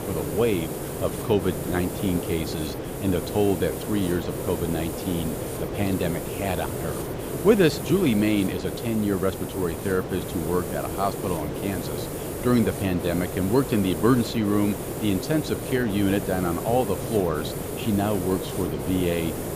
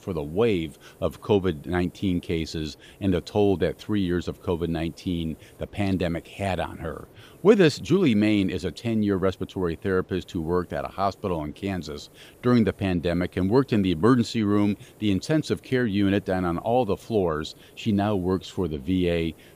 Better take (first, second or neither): second